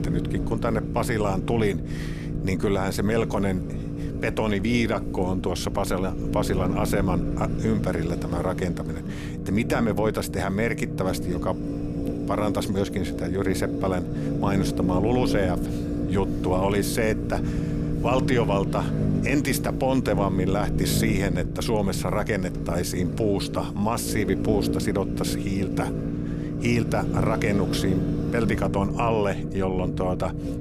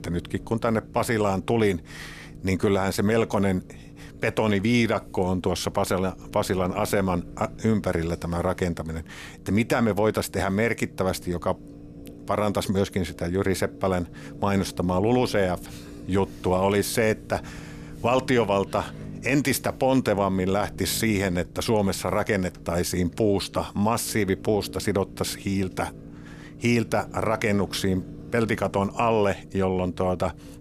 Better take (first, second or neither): second